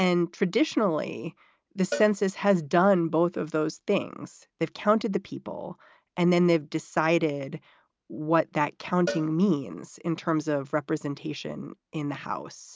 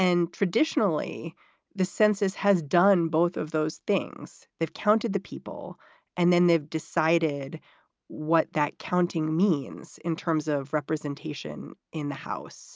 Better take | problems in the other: second | background sound (Cowbell); 16 dB below the speech

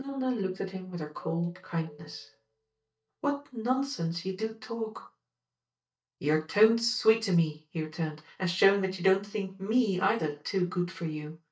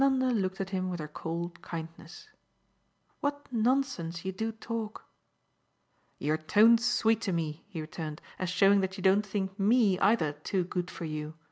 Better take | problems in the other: second | noise reduction (neural mask model DeepFilterNet 3)

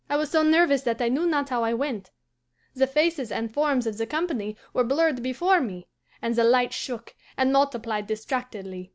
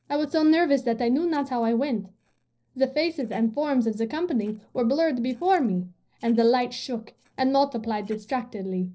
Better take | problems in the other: first | noise reduction (neural separator model SepFormer DNS4)

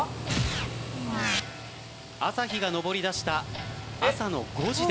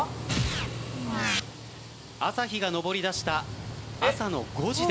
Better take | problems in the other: second | background sound (Clock); 15 dB below the speech

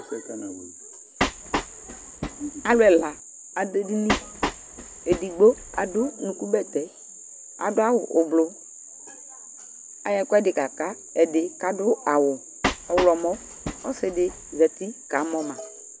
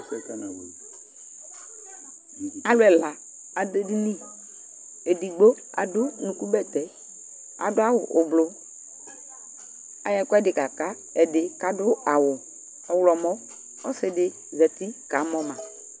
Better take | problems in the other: second | background sound (Train); 7 dB below the speech

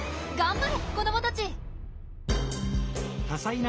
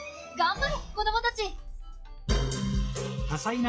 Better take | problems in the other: first | noise reduction (classical method log-MMSE)

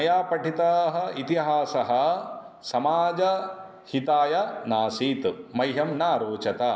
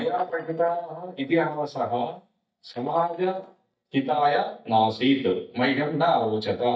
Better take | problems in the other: first | noise reduction (neural mask model DeepFilterNet 3)

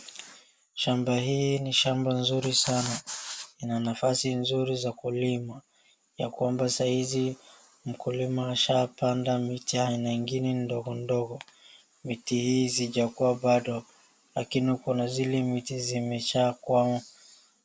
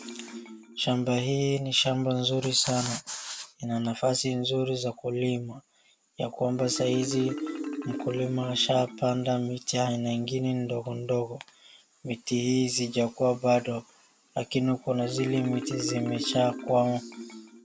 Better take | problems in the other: first | background sound (Marimba, xylophone); 13 dB below the speech

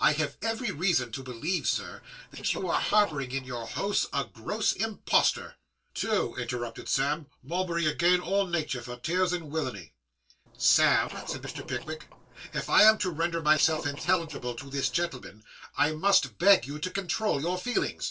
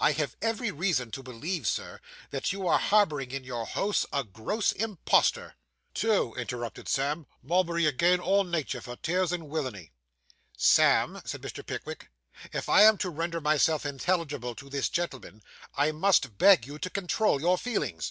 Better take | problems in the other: second | noise reduction (neural separator model SepFormer DNS4)

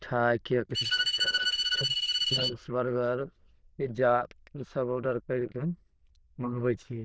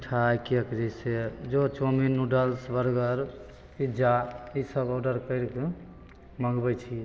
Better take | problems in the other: second | noise reduction (neural diffusion model UNIVERSE++)

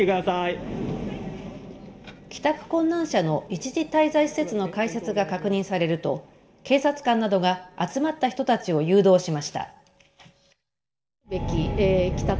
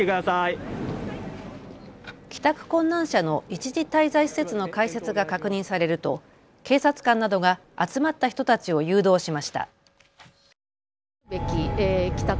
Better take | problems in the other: second | room echo; dies away in 0.5 s

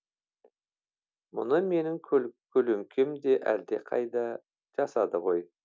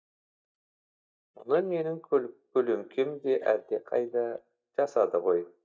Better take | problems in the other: first | noise reduction (neural mask model DeepFilterNet 3)

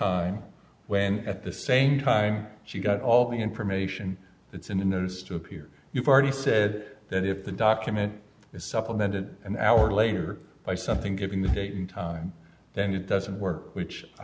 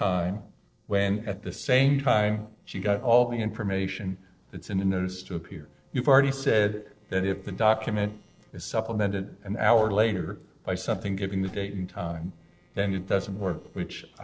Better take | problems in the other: first | noise reduction (neural separator model SepFormer DNS4)

